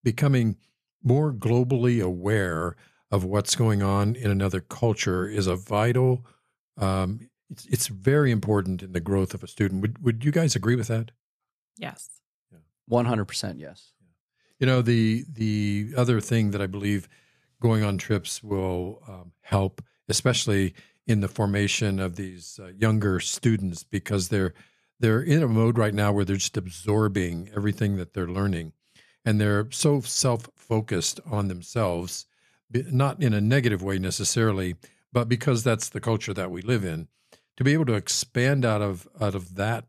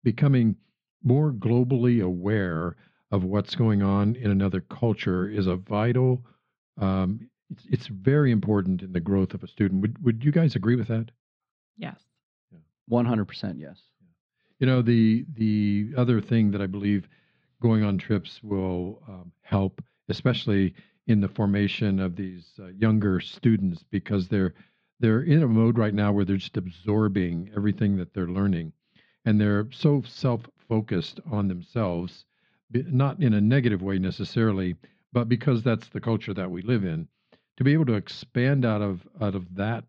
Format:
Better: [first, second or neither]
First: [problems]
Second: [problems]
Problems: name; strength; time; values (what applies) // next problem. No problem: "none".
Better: first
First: none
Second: muffled; slightly; fading above 4 kHz